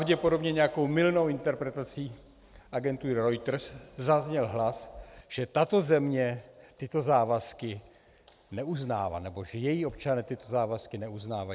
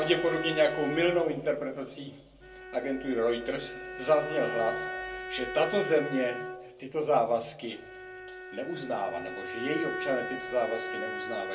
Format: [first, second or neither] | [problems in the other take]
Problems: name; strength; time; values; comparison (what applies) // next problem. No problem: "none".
first | background sound (Bowed string instrument); 8 dB below the speech // room echo; dies away in 0.2 s